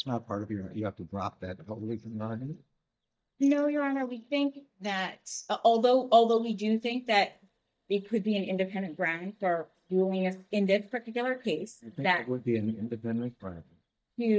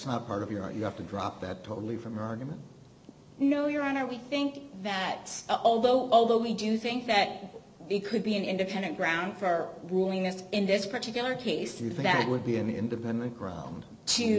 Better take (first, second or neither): second